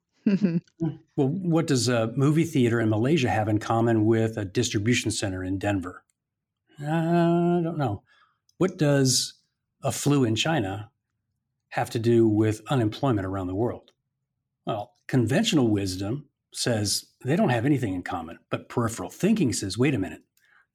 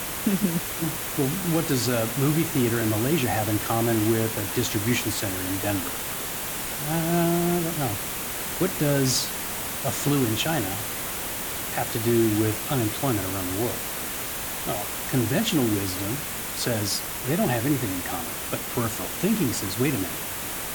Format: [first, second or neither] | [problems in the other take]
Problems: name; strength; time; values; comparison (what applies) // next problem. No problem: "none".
first | hiss; loud; throughout; 2 dB below the speech